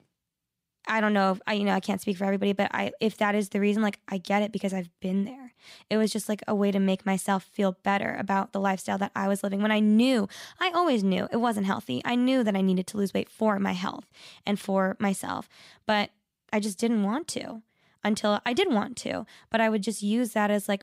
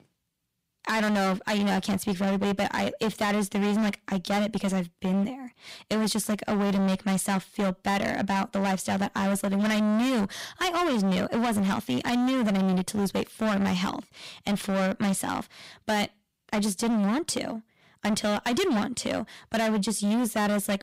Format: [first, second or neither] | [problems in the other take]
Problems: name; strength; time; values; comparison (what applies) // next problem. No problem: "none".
first | distortion; heavy; 25% of the sound clipped